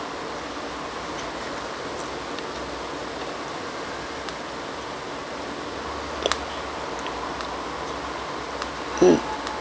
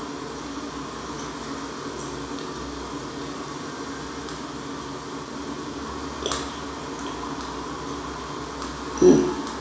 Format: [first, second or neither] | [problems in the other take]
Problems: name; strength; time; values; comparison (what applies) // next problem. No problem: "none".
first | room echo; dies away in 0.7 s